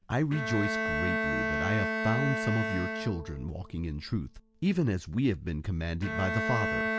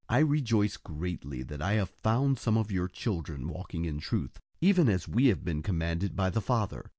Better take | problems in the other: second | background sound (Bowed string instrument); 2 dB below the speech

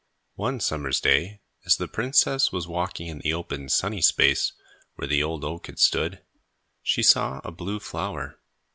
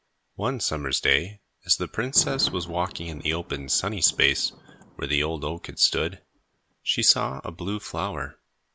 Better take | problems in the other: first | background sound (Thunder); 20 dB below the speech

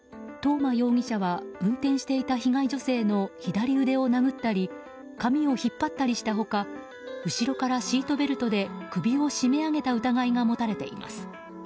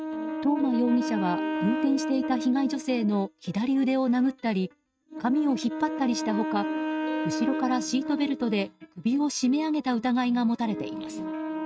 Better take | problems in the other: first | noise reduction (neural mask model RNNoise)

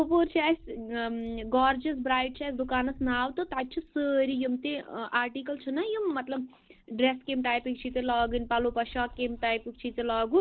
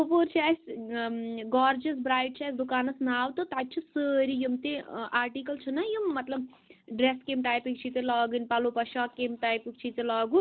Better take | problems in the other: second | noise reduction (neural mask model DeepFilterNet 3)

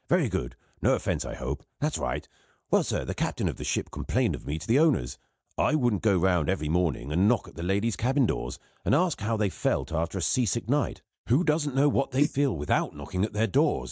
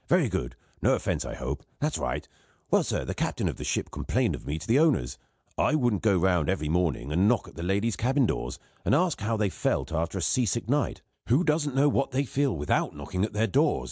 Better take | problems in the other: second | noise reduction (neural mask model DeepFilterNet 3)

